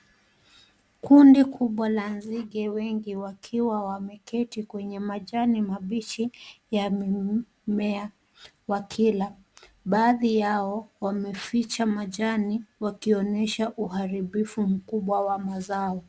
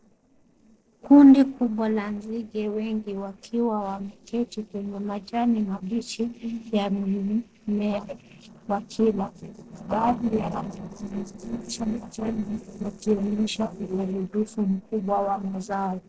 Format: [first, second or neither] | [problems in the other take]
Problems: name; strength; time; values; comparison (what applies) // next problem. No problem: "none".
first | noise reduction (neural separator model SepFormer DNS4)